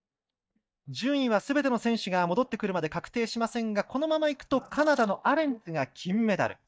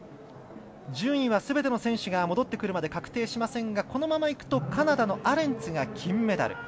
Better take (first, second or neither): second